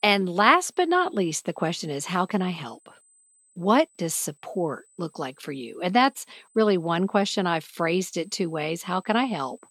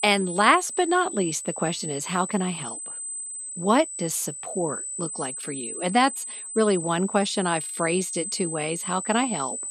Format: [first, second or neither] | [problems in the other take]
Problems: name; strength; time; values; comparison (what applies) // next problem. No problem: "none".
first | high-pitched whine; loud; throughout; 8 kHz, 7 dB below the speech; faint in the first